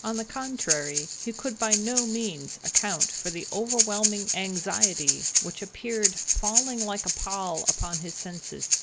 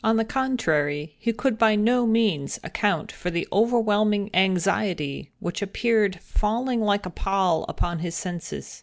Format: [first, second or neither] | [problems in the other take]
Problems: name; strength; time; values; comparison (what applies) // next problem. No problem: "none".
second | background sound (Breathing); 4 dB above the speech